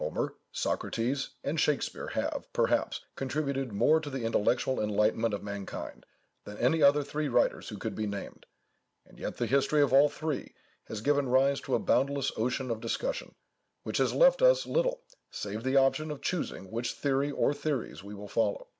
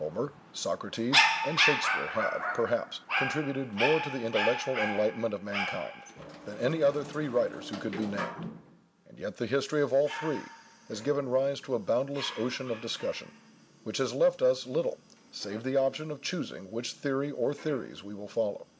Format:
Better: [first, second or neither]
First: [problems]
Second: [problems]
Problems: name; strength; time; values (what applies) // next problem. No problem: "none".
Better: first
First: none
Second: background sound (Dog); 4 dB below the speech